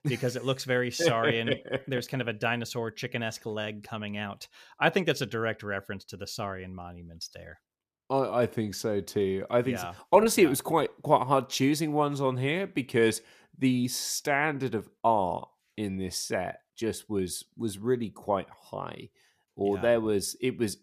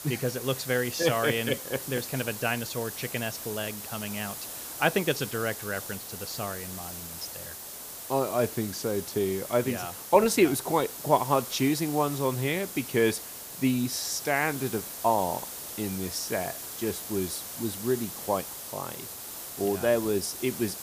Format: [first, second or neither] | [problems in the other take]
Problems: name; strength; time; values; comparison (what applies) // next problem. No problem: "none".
first | hiss; loud; throughout; 8 dB below the speech